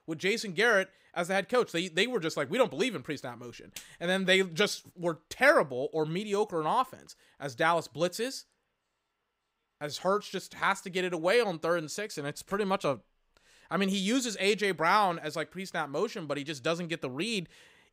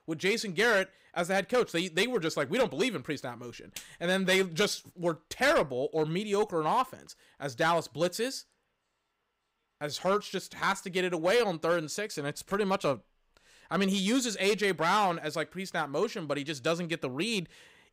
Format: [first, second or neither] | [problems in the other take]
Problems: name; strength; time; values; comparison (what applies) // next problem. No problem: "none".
first | distortion; slight; 3% of the sound clipped